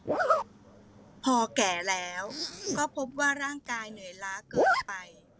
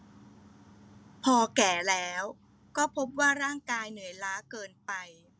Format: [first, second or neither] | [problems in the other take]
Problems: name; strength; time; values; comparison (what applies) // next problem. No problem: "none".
second | background sound (Zipper (clothing)); 1 dB below the speech